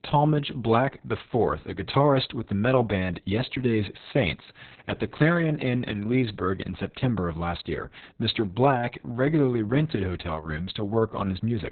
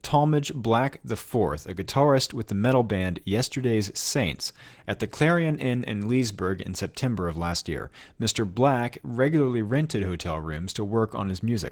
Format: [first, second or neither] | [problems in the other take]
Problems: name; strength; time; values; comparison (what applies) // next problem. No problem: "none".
second | garbled, watery; badly; nothing above 4 kHz; slightly in the second